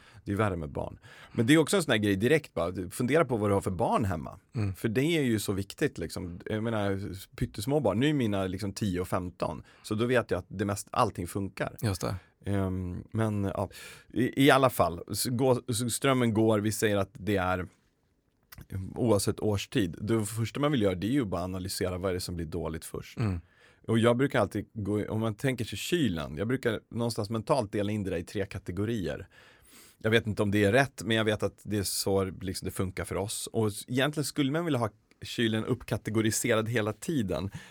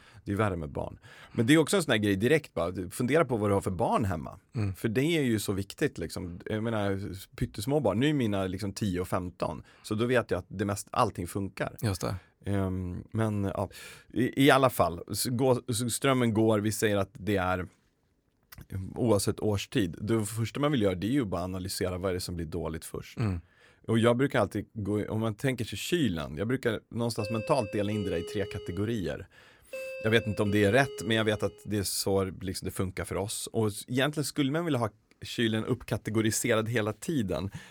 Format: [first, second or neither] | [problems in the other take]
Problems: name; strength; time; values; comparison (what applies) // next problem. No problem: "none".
first | doorbell; noticeable; from 27 to 32 s; peak 9 dB below the speech